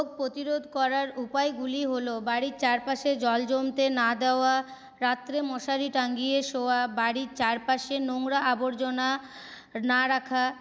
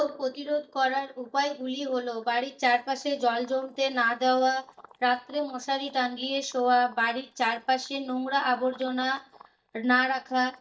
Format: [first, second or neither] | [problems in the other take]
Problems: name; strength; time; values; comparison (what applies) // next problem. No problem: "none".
first | noise reduction (neural mask model DeepFilterNet 3)